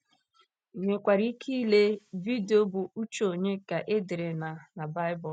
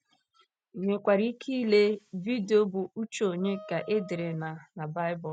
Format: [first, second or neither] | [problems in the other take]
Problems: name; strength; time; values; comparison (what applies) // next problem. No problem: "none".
first | background sound (Wind instrument, woodwind instrument); 18 dB below the speech